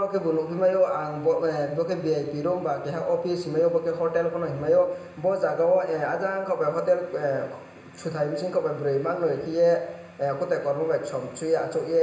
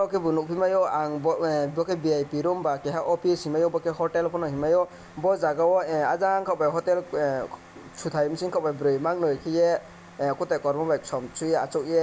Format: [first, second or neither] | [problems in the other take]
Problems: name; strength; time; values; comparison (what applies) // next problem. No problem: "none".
second | room echo; dies away in 0.9 s